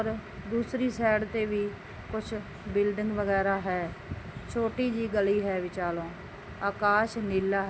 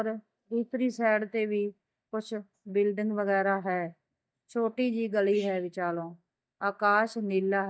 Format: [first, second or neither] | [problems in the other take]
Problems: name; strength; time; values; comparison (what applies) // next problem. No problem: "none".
first | noise reduction (neural mask model DeepFilterNet 3)